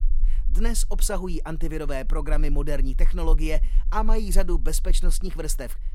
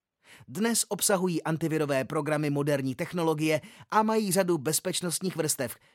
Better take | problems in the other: second | low rumble; faint; throughout; 25 dB below the speech

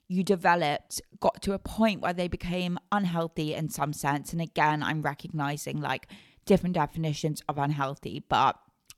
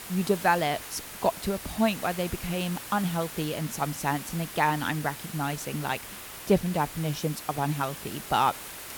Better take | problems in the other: first | hiss; loud; throughout; 10 dB below the speech

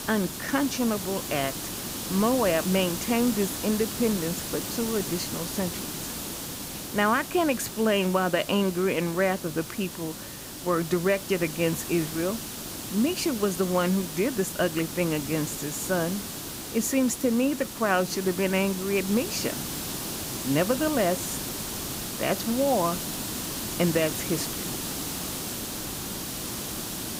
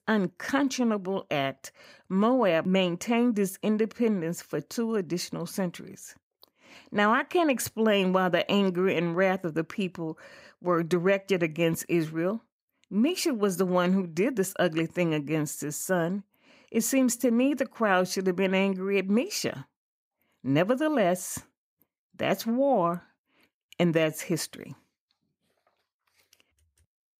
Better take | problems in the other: second | hiss; loud; throughout; 6 dB below the speech

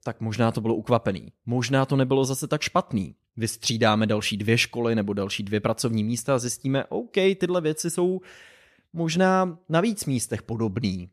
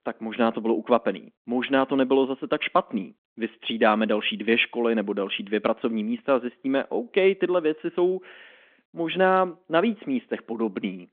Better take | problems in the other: first | phone-call audio; nothing above 3.5 kHz

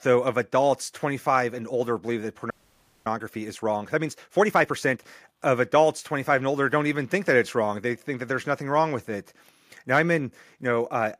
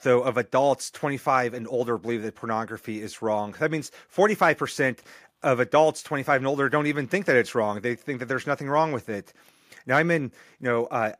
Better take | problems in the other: second | audio freezing; at 2.5 s for 0.5 s

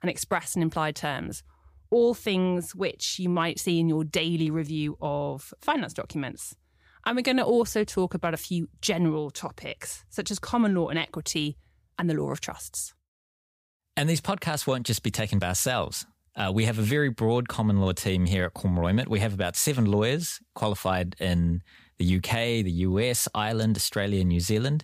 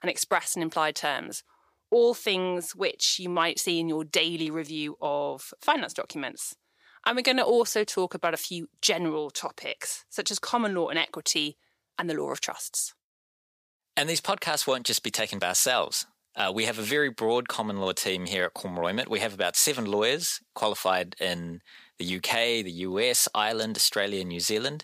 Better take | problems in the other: first | thin; somewhat; fading below 400 Hz

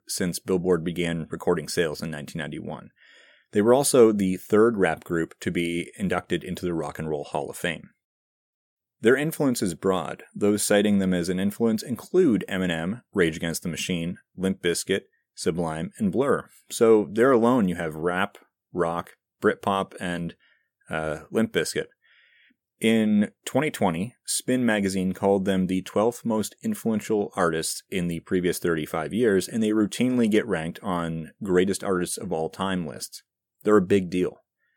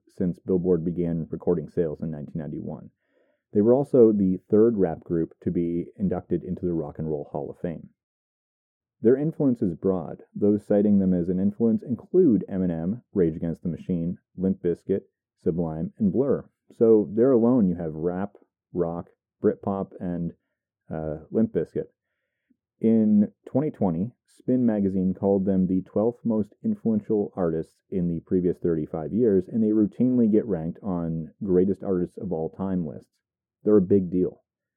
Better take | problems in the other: first | muffled; very; fading above 1.5 kHz

